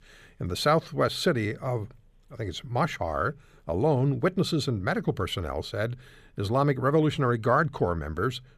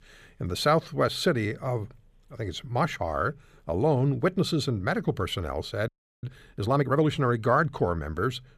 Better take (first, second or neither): first